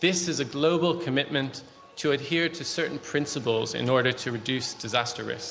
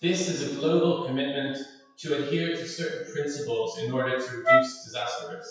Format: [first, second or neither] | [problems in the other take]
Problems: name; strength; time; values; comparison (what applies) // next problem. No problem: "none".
first | noise reduction (classical method WPE with log-MMSE)